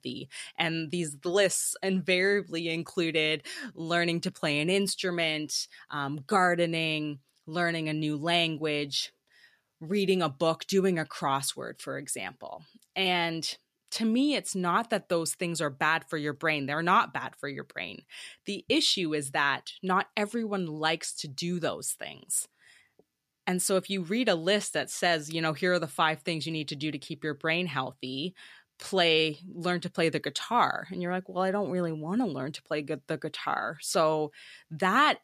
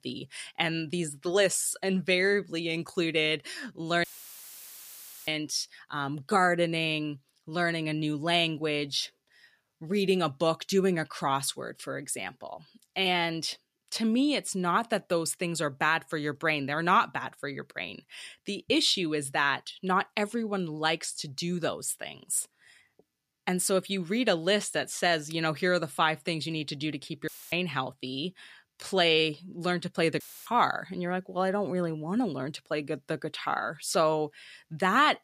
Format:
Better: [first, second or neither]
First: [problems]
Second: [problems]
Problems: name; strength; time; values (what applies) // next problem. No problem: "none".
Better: first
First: none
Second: audio cutting out; filled with static; at 4 s for 1 s, at 27 s and at 30 s